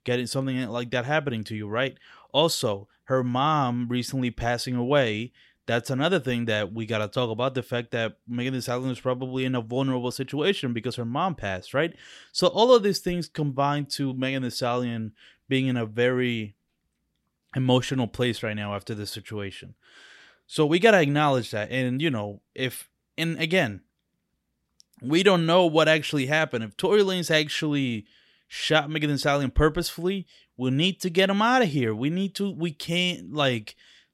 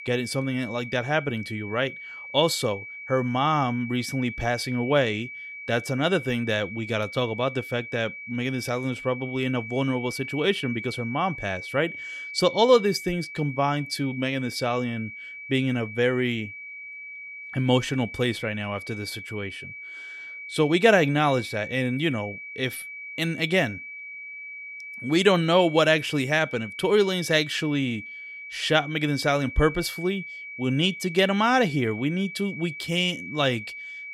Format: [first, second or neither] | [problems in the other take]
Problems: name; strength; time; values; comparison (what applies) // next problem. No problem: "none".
first | high-pitched whine; noticeable; throughout; 2.5 kHz, 10 dB below the speech